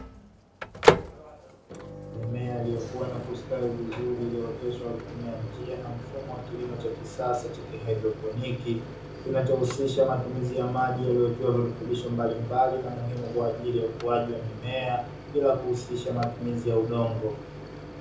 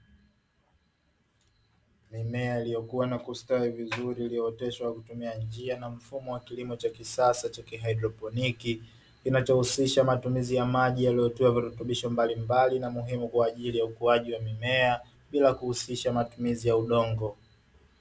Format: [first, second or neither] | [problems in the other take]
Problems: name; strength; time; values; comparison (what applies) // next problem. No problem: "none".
second | background sound (Microwave oven); 6 dB below the speech // room echo; dies away in 0.5 s